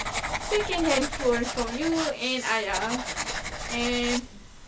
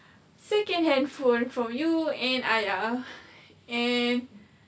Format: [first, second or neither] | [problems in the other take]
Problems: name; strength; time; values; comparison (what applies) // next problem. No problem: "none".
second | background sound (Writing); 4 dB below the speech